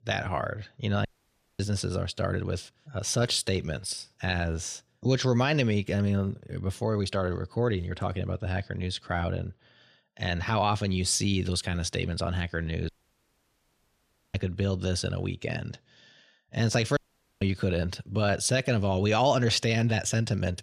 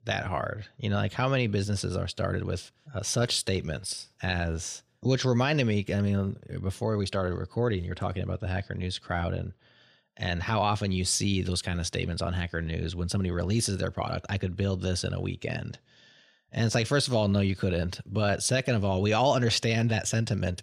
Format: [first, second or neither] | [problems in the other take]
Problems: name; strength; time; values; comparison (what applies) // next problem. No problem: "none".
second | audio cutting out; at 1 s for 0.5 s, at 13 s for 1.5 s and at 17 s